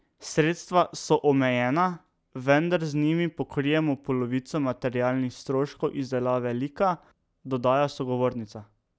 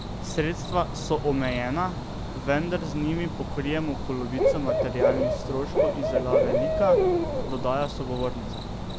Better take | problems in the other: first | background sound (Cricket / Bird); 2 dB above the speech

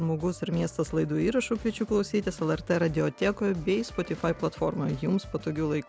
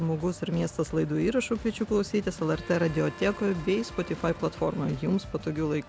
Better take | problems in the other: first | background sound (Truck + Harmonica); 18 dB below the speech

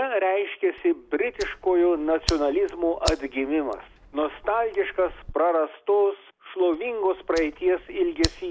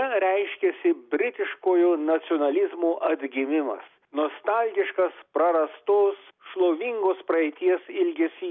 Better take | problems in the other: second | background sound (Fire); 13 dB below the speech

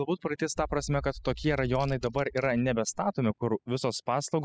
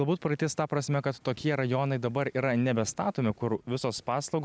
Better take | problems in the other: second | noise reduction (classical method spectral subtraction)

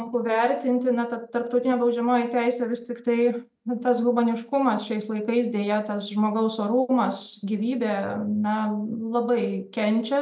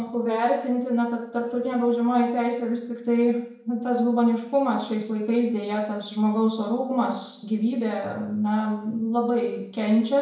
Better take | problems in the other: first | room echo; dies away in 0.7 s

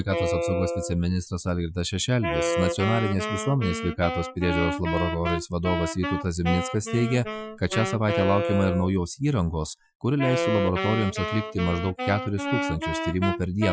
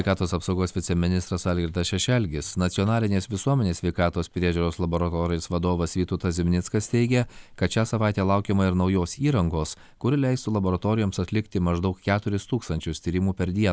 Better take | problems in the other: second | noise reduction (classical method Wiener filter)

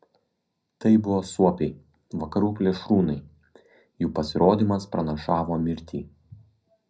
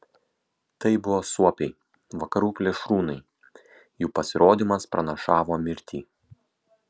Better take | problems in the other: second | room echo; dies away in 0.4 s

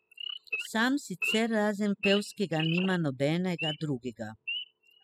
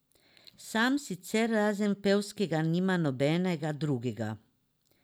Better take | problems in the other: second | noise reduction (classical method spectral subtraction)

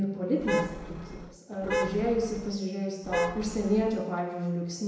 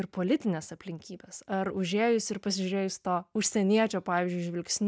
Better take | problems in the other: second | background sound (Traffic noise, roadway noise / Vehicle horn, car horn, honking); 3 dB below the speech // room echo; dies away in 1 s

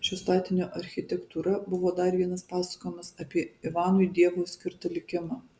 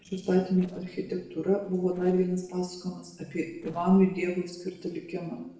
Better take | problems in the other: first | noise reduction (neural separator model SepFormer DNS4)

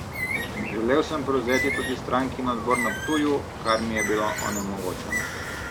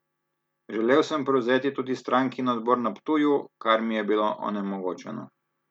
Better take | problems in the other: second | background sound (Bird); 4 dB below the speech

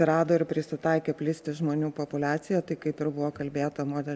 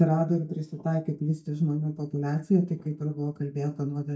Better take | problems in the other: first | noise reduction (neural mask model DeepFilterNet 3)

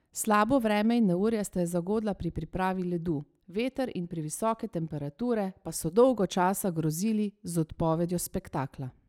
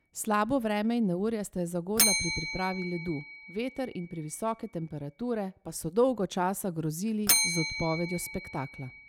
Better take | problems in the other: first | background sound (Bell); 4 dB below the speech

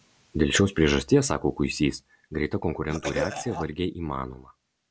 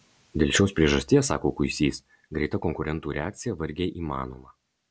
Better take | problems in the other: second | background sound (Cough); 7 dB below the speech

